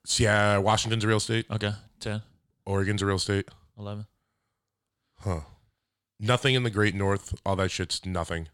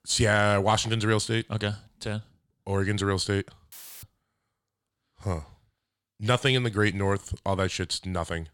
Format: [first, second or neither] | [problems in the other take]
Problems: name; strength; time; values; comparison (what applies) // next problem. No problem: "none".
first | audio cutting out; filled with static; at 3.5 s